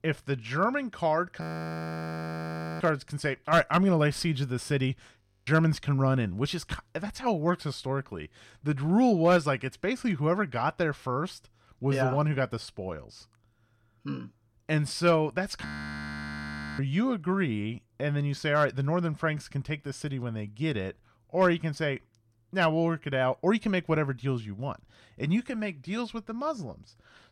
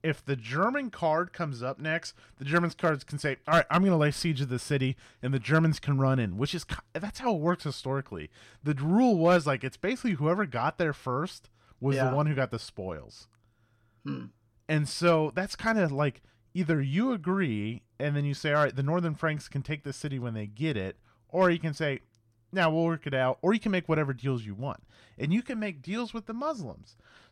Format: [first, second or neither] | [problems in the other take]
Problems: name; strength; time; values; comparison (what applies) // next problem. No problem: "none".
second | audio freezing; at 1.5 s for 1.5 s, at 5 s and at 16 s for 1 s